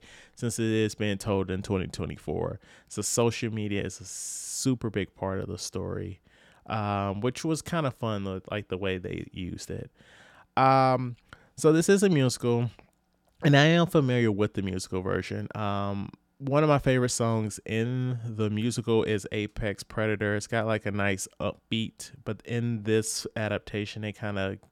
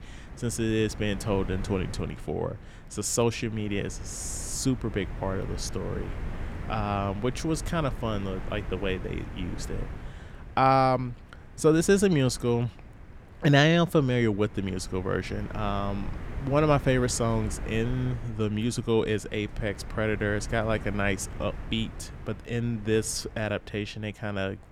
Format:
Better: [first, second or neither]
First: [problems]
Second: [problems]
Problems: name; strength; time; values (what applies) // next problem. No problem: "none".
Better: first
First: none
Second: wind noise on the microphone; occasional gusts; 20 dB below the speech